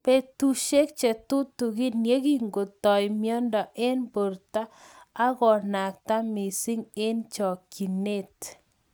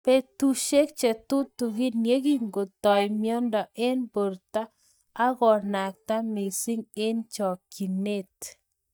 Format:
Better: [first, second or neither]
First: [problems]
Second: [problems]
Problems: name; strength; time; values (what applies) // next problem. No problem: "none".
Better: first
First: none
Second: noise reduction (neural mask model DeepFilterNet 3)